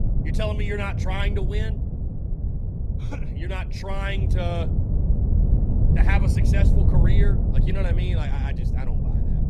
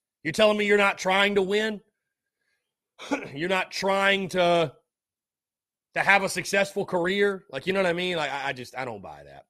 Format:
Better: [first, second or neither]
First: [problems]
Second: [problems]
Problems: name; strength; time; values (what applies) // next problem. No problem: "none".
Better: second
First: wind noise on the microphone; heavy; 4 dB below the speech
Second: none